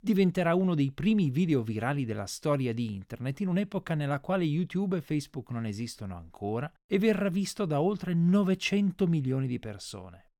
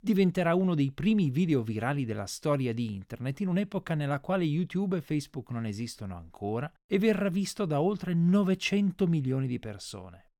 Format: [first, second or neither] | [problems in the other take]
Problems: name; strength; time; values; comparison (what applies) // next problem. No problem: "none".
neither | none